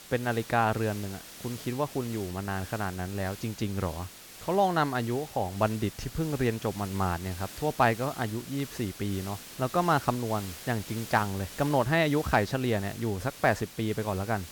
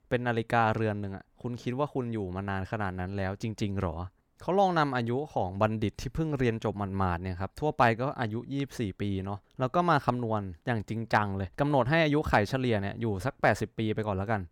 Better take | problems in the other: second | hiss; noticeable; throughout; 15 dB below the speech

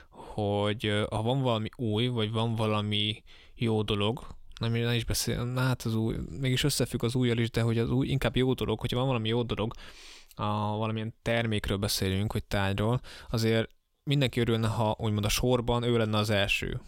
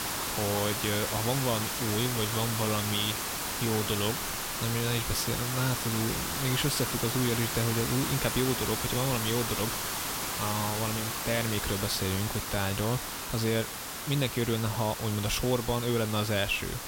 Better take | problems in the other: first | hiss; loud; throughout; 1 dB below the speech

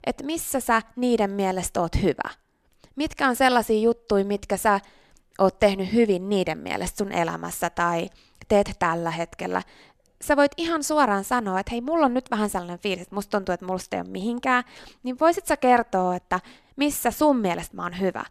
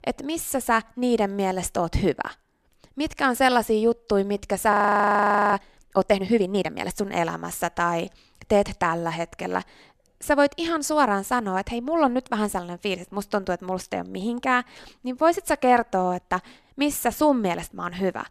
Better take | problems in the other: first | audio freezing; at 4.5 s for 1 s

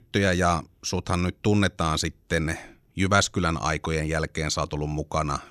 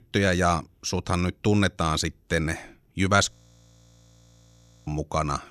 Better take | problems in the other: first | audio freezing; at 3.5 s for 1.5 s

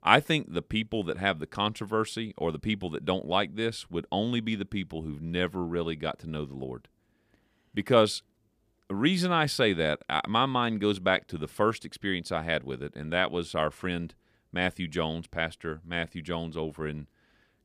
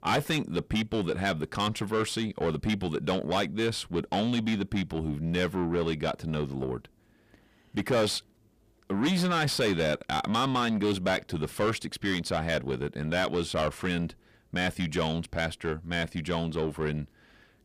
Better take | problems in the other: first | distortion; heavy; 5 dB below the speech

